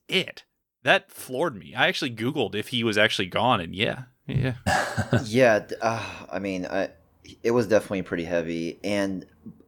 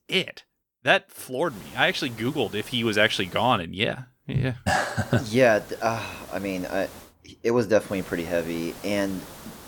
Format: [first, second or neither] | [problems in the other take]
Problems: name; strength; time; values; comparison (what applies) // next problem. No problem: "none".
first | hiss; noticeable; from 1.5 to 3.5 s, from 5 to 7 s and from 8 s on; 20 dB below the speech